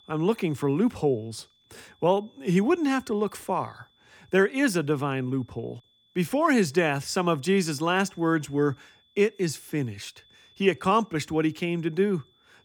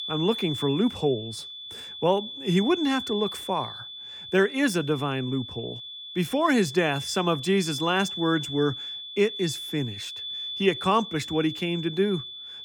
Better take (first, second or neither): first